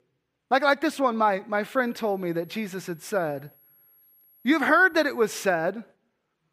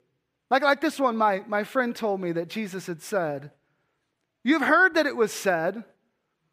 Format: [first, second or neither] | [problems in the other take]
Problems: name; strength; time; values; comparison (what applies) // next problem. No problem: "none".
second | high-pitched whine; faint; from 2 to 5.5 s; 11.5 kHz, 30 dB below the speech